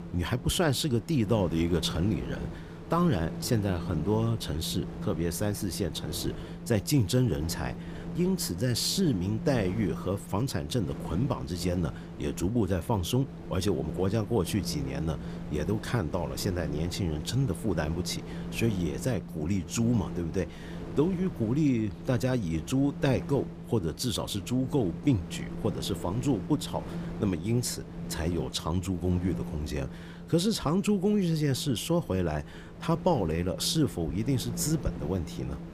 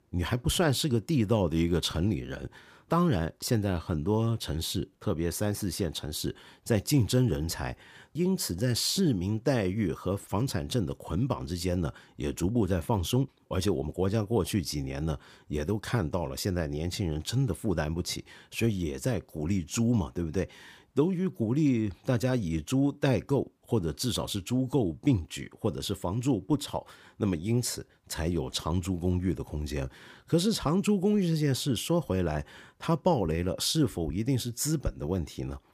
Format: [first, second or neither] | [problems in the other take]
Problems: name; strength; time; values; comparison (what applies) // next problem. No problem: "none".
second | wind noise on the microphone; occasional gusts; 15 dB below the speech